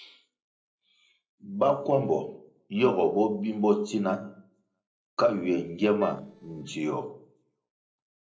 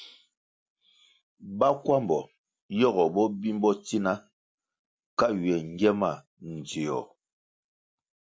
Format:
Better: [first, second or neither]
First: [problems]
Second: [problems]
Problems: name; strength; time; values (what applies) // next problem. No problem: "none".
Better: second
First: noise reduction (neural separator model SepFormer DNS4)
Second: none